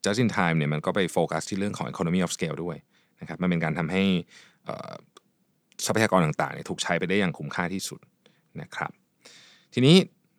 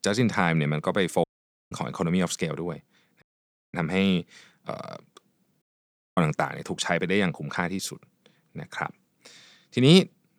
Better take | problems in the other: first | audio cutting out; at 1 s, at 3 s for 0.5 s and at 5.5 s for 0.5 s

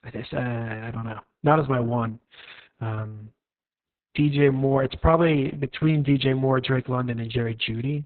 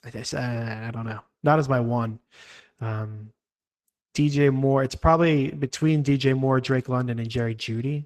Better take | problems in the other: second | garbled, watery; badly; nothing above 4 kHz; slightly in the second

